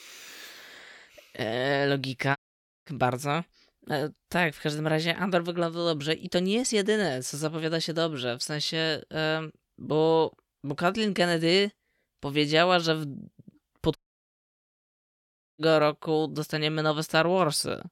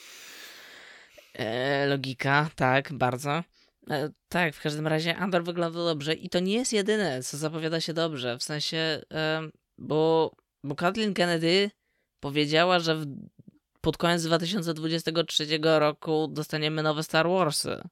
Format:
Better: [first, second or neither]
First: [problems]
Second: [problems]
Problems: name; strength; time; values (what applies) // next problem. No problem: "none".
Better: second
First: audio cutting out; at 2.5 s for 0.5 s and at 14 s for 1.5 s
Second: none